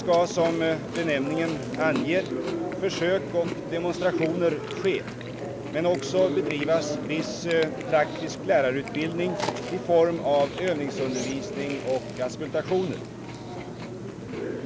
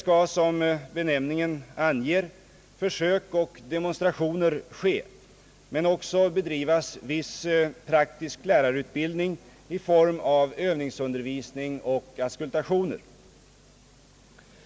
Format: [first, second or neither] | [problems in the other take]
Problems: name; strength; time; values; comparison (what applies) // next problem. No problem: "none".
second | background sound (Chewing, mastication); 6 dB below the speech